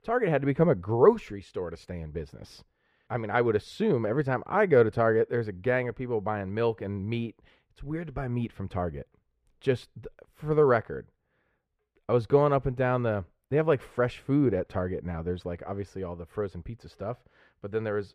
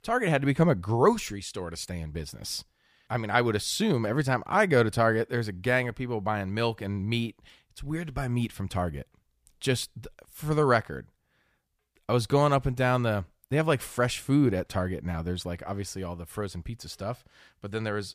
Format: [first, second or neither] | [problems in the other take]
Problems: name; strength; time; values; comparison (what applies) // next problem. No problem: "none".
second | muffled; very; fading above 3.5 kHz